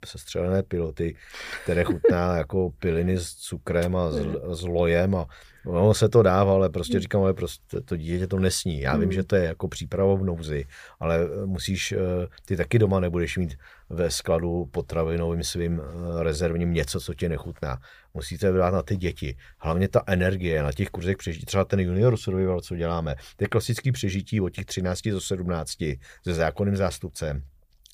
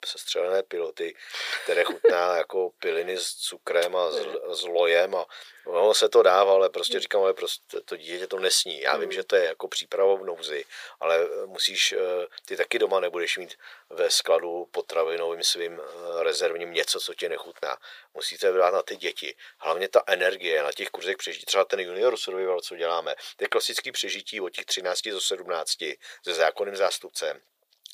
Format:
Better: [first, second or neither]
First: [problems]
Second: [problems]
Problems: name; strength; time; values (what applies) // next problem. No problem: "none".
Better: first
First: none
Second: thin; very; fading below 450 Hz